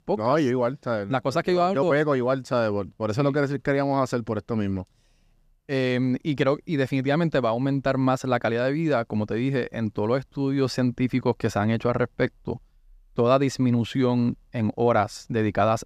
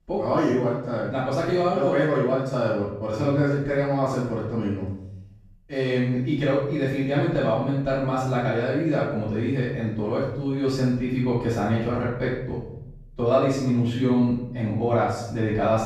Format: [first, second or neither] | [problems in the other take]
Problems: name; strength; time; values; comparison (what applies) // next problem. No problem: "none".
first | off-mic speech; far // room echo; noticeable; dies away in 0.7 s